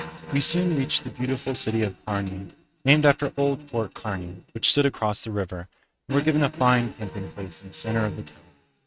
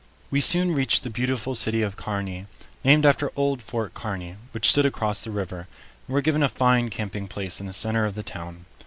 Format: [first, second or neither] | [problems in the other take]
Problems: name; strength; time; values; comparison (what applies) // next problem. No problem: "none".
second | noise reduction (neural mask model RNNoise)